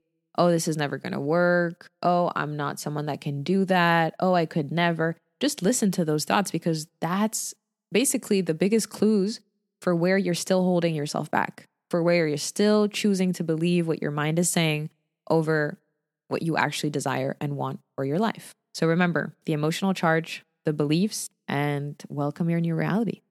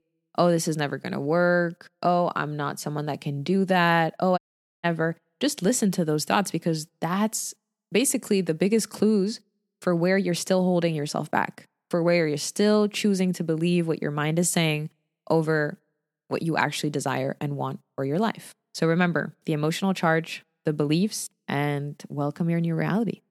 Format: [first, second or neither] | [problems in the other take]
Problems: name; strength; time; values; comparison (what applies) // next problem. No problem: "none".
first | audio cutting out; at 4.5 s